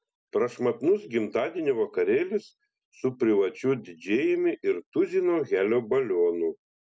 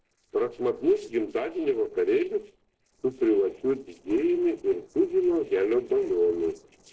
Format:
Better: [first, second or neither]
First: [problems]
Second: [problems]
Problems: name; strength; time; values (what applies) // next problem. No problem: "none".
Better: first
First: none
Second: noise reduction (neural separator model SepFormer DNS4)